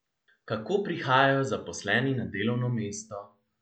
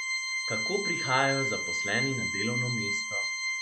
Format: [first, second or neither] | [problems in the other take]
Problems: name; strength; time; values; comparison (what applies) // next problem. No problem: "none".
first | background sound (Organ); 1 dB above the speech